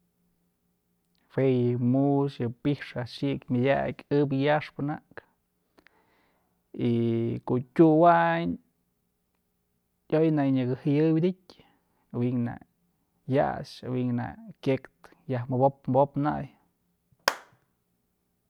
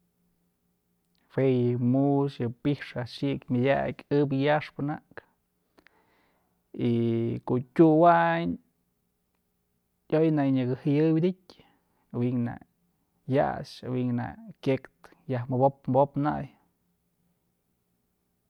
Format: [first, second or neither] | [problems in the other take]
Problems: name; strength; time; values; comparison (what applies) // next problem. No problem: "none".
second | background sound (Clapping); 9 dB below the speech